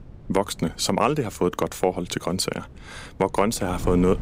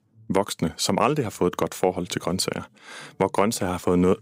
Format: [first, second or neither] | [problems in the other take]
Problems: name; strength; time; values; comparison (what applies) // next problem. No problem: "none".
second | wind noise on the microphone; occasional gusts; 25 dB below the speech